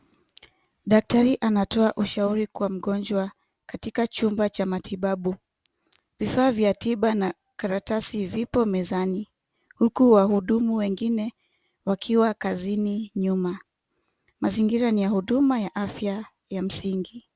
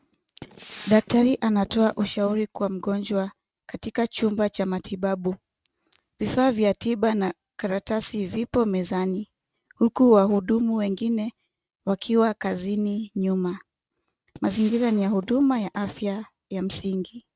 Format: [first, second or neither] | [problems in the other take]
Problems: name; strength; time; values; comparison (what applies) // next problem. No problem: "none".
first | noise reduction (neural mask model RNNoise)